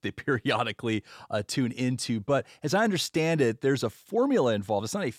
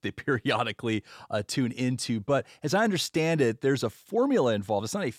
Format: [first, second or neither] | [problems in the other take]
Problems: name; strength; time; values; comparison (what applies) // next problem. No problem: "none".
neither | none